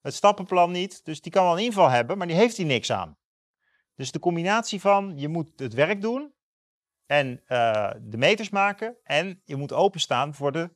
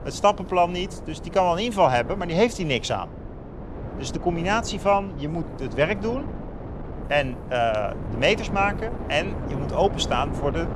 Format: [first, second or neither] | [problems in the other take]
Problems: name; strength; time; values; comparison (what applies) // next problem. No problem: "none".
first | wind noise on the microphone; occasional gusts; 15 dB below the speech